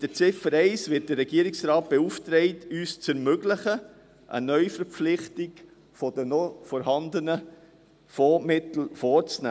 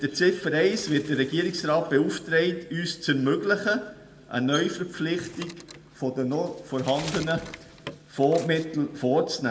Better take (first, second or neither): first